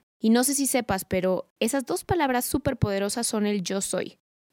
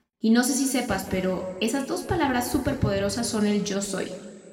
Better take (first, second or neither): first